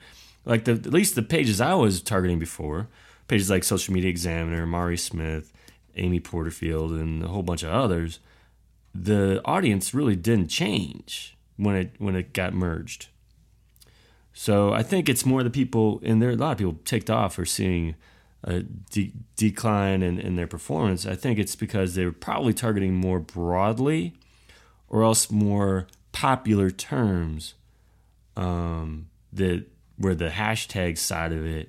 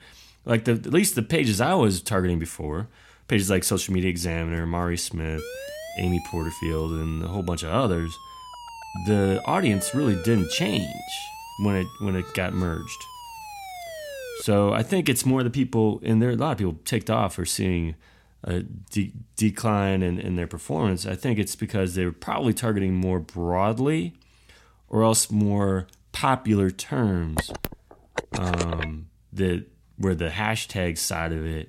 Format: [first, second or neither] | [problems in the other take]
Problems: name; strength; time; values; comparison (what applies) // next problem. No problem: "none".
first | siren; faint; from 5.5 to 14 s; peak 10 dB below the speech // phone ringing; noticeable; from 27 to 29 s; peak 5 dB below the speech